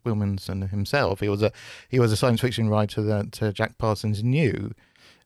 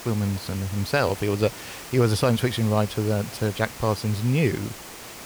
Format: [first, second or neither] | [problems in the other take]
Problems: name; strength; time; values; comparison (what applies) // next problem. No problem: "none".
first | hiss; noticeable; throughout; 15 dB below the speech